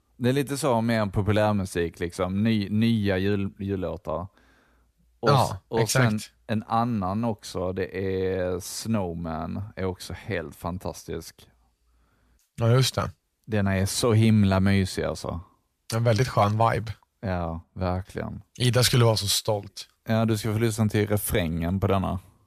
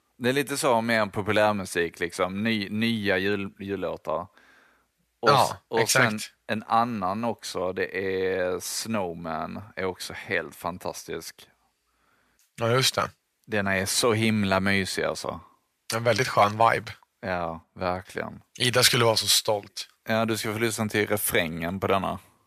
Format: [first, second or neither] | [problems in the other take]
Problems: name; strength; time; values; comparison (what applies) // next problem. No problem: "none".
first | thin; somewhat; fading below 450 Hz